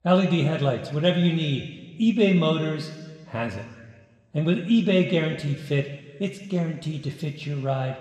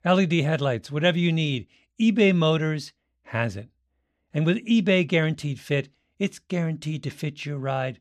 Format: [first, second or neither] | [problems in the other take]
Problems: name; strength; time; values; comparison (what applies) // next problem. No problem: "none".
second | room echo; slight; dies away in 1.4 s